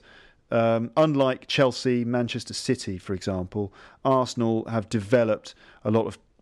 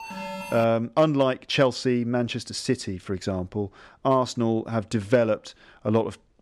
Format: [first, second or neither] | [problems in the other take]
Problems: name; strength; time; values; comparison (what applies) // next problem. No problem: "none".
first | alarm; noticeable; at the start; peak 9 dB below the speech